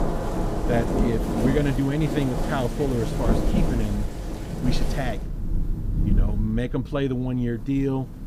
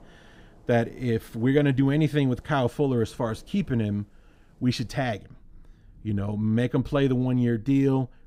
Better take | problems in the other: second | rain or running water; loud; throughout; 1 dB below the speech; faint in the second

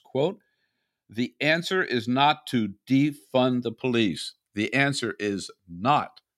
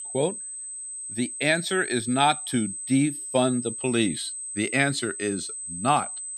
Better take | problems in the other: first | high-pitched whine; loud; throughout; 8 kHz, 7 dB below the speech

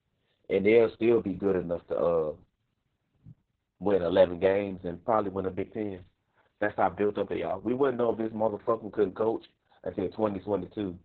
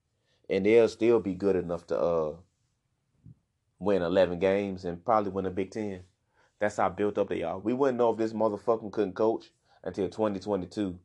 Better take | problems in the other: second | garbled, watery; badly

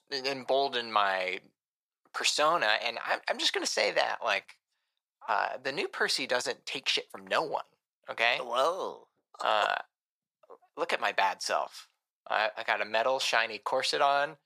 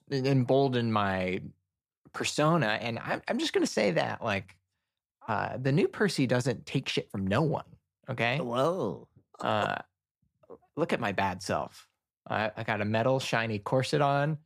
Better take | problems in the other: second | thin; very; fading below 750 Hz

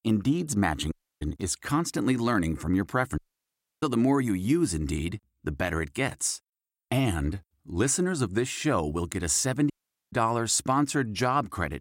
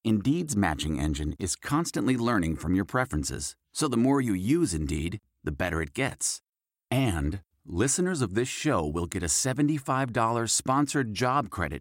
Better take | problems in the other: second | audio cutting out; at 1 s, at 3 s for 0.5 s and at 9.5 s

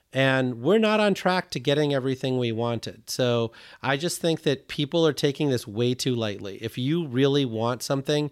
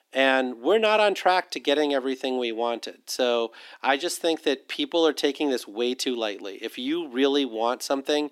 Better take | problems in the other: first | thin; very slightly; fading below 250 Hz

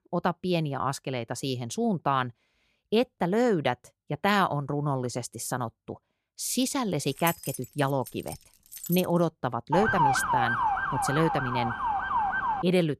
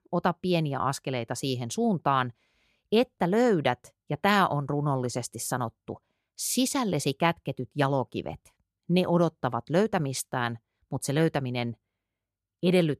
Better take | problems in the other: second | jangling keys; noticeable; from 6.5 to 9 s; peak 6 dB below the speech // siren; loud; from 9.5 s on; peak 5 dB above the speech

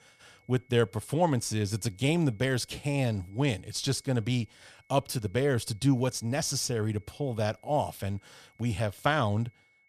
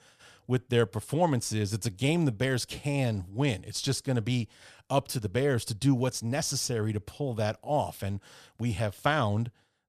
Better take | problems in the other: second | high-pitched whine; faint; throughout; 2 kHz, 35 dB below the speech

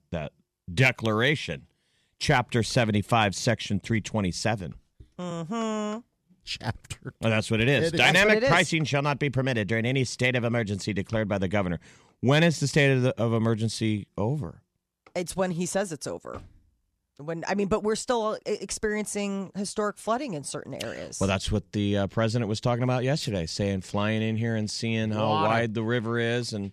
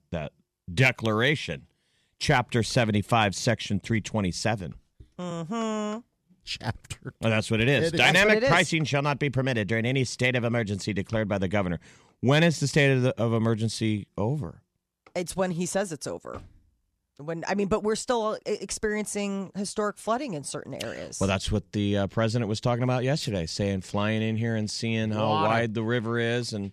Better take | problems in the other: neither | none

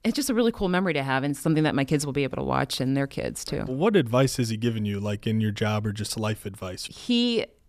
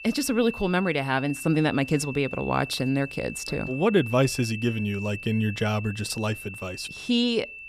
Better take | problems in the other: first | high-pitched whine; noticeable; throughout; 2.5 kHz, 10 dB below the speech

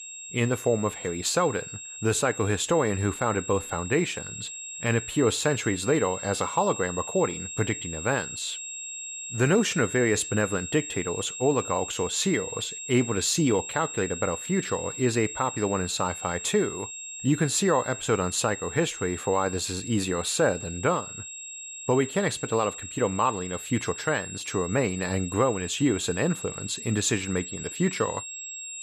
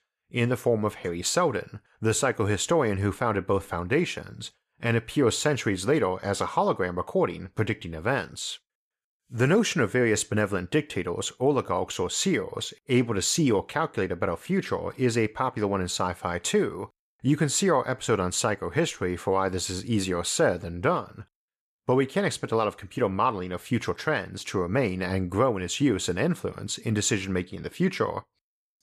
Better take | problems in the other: second | high-pitched whine; loud; throughout; 7.5 kHz, 9 dB below the speech

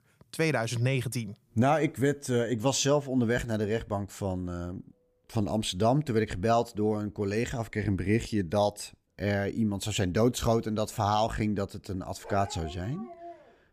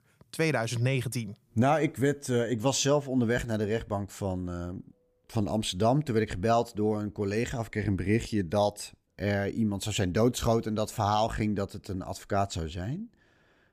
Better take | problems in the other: second | dog barking; faint; from 12 s on; peak 15 dB below the speech

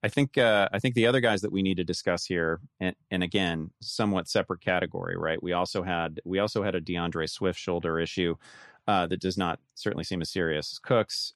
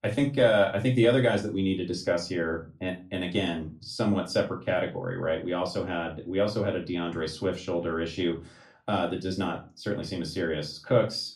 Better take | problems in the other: first | off-mic speech; far // room echo; very slight; dies away in 0.3 s

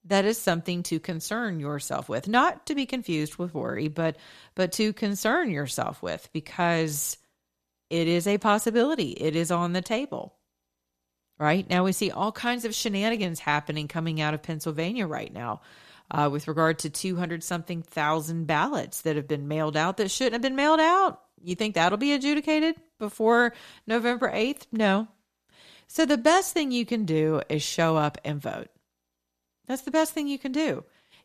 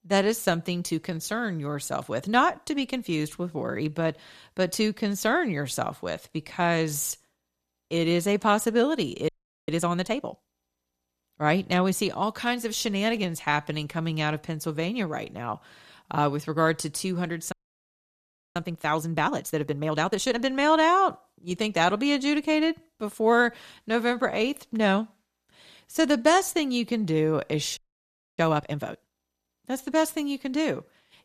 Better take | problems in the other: first | audio freezing; at 9.5 s, at 18 s for 1 s and at 28 s for 0.5 s

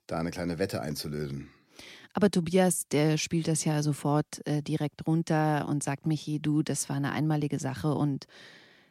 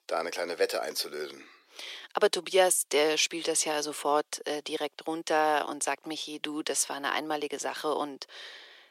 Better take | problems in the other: first | thin; very; fading below 450 Hz

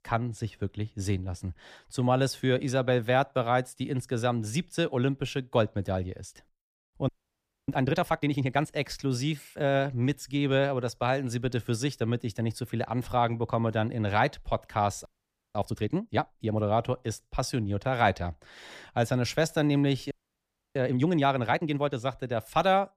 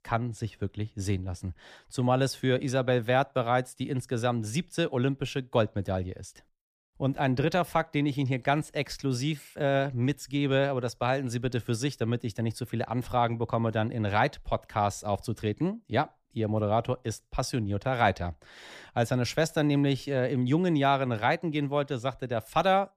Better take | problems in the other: second | audio freezing; at 7 s for 0.5 s, at 15 s for 0.5 s and at 20 s for 0.5 s

